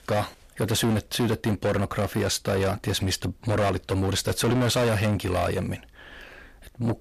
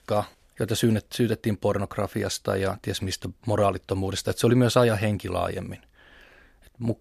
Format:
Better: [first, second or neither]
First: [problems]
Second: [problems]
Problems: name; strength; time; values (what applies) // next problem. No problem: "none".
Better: second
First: distortion; heavy; 6 dB below the speech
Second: none